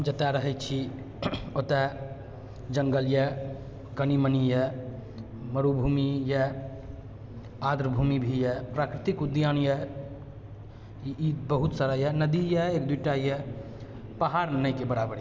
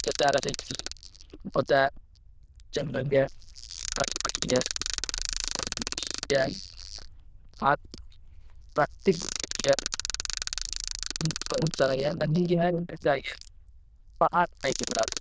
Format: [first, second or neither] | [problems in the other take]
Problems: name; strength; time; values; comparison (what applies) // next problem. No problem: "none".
first | noise reduction (neural diffusion model UNIVERSE++)